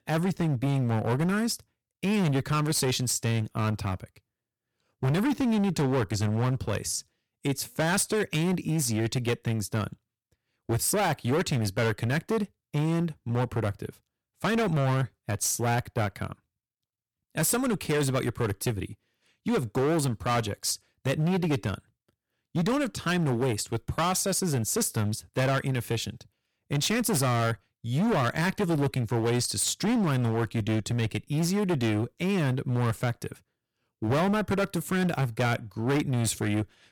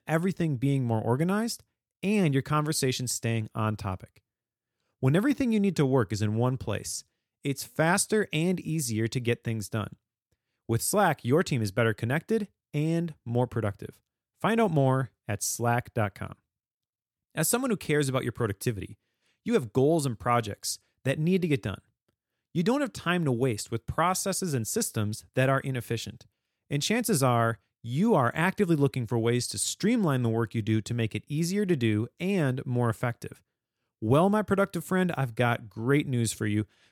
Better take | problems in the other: second | distortion; heavy; 16% of the sound clipped

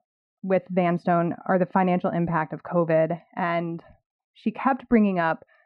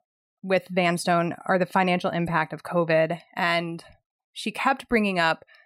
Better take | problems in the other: second | muffled; very; fading above 1.5 kHz

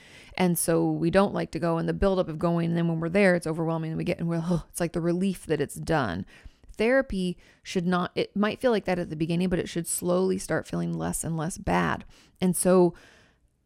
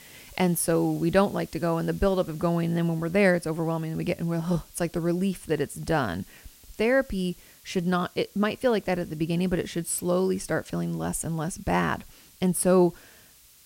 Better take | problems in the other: first | hiss; faint; throughout; 25 dB below the speech

